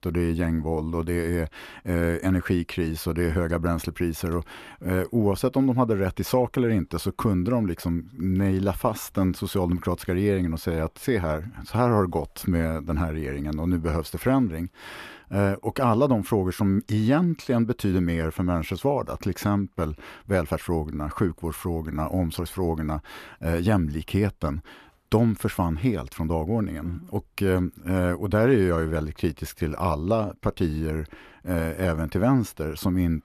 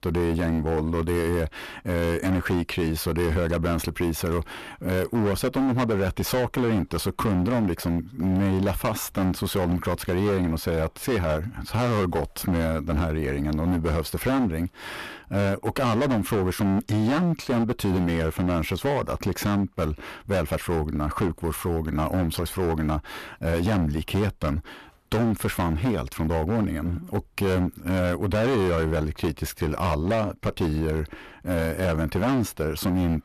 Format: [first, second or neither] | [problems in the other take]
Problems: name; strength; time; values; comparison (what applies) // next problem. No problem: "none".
first | distortion; heavy; 22% of the sound clipped